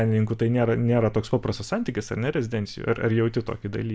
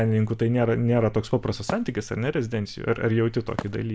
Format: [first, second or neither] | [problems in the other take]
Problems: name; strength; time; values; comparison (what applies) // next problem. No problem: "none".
first | background sound (Wood); 18 dB below the speech